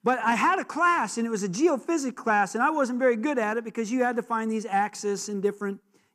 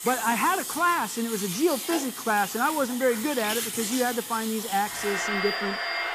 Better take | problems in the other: first | household noises; loud; throughout; 4 dB below the speech

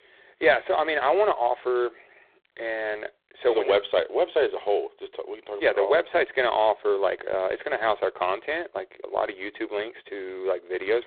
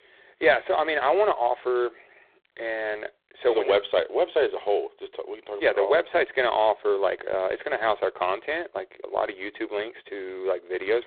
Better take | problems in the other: neither | phone-call audio; poor line; nothing above 3.5 kHz; the same in both

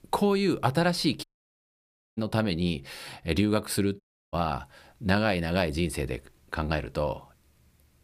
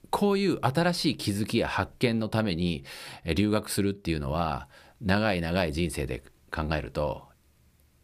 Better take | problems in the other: second | audio cutting out; at 1 s for 1 s and at 4 s

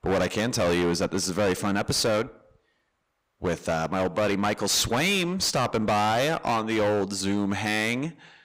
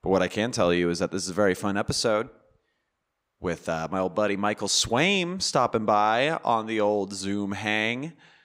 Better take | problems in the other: second | distortion; heavy; 21% of the sound clipped

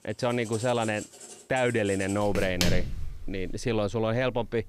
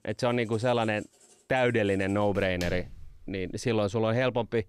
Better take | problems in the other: second | household noises; loud; throughout; 8 dB below the speech; faint in the second

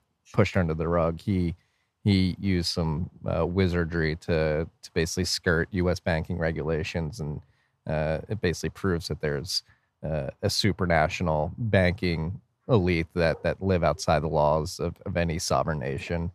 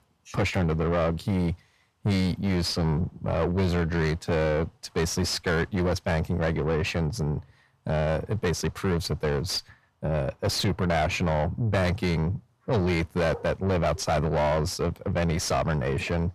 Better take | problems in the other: first | distortion; heavy; 6 dB below the speech

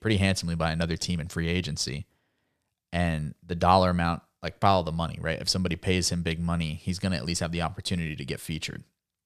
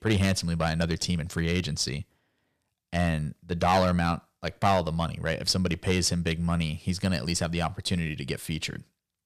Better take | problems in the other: first | distortion; slight; 1.7% of the sound clipped

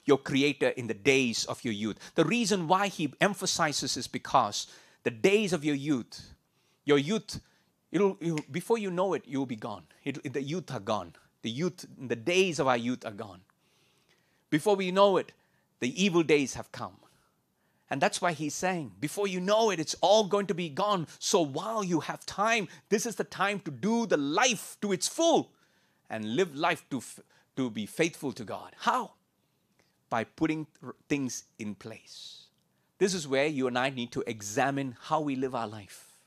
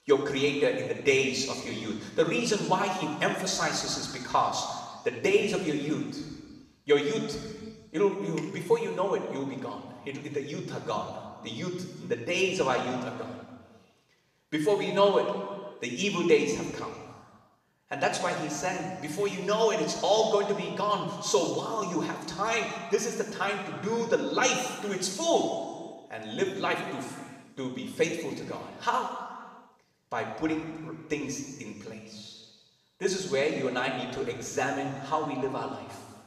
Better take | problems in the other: first | room echo; noticeable; dies away in 1.5 s // off-mic speech; somewhat distant

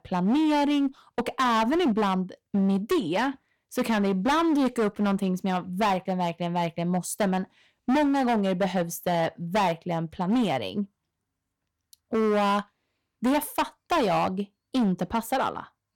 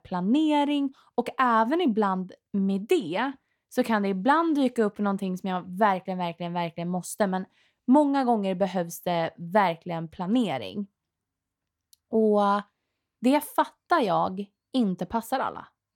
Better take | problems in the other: second | distortion; heavy; 15% of the sound clipped

